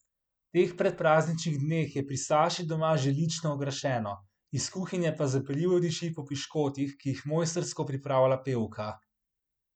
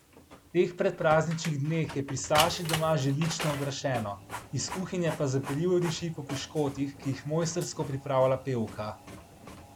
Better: first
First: none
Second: background sound (Printer); 11 dB below the speech

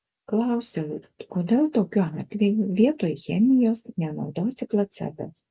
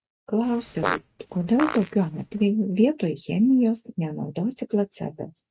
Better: first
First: none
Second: noise reduction (neural mask model RNNoise)

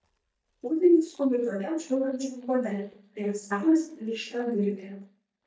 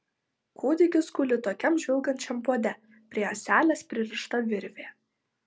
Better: second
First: noise reduction (neural mask model DeepFilterNet 3)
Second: none

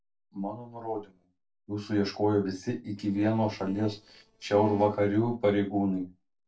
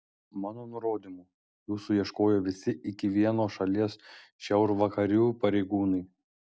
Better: second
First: noise reduction (neural separator model SepFormer DNS4)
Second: none

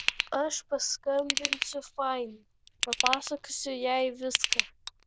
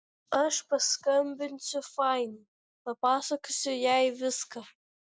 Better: second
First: noise reduction (neural diffusion model UNIVERSE++)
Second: none

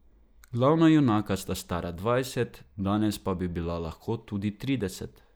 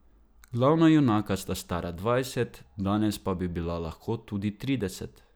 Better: second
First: noise reduction (neural mask model Resemble Enhance denoiser)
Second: none

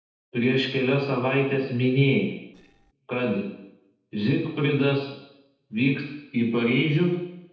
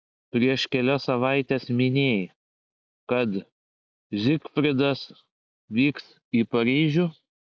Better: second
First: noise reduction (neural separator model SepFormer DNS4)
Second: none

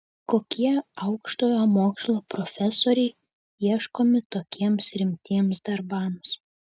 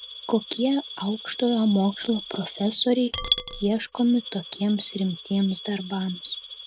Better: first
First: none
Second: background sound (Coin (dropping) / Glass); 10 dB below the speech

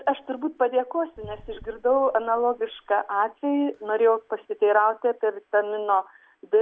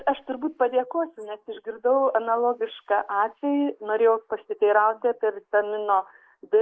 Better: first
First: none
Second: noise reduction (neural mask model Resemble Enhance denoiser)

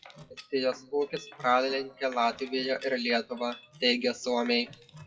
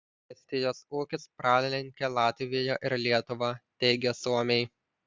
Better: second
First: noise reduction (classical method WPE with log-MMSE)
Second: none

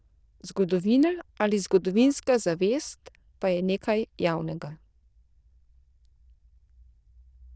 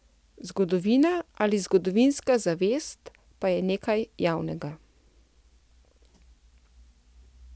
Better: second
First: noise reduction (neural diffusion model UNIVERSE++)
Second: none

